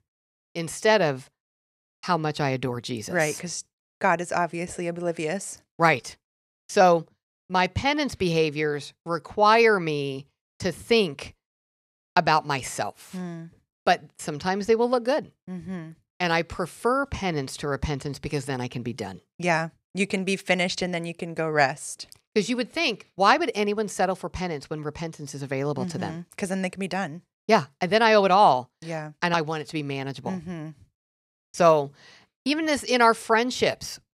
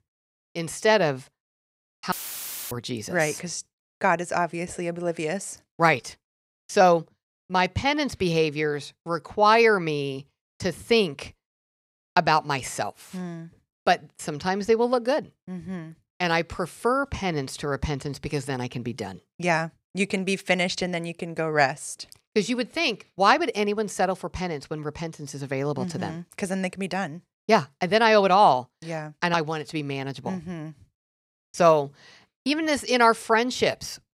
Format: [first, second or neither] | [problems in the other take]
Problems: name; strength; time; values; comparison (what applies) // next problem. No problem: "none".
first | audio cutting out; filled with static; at 2 s for 0.5 s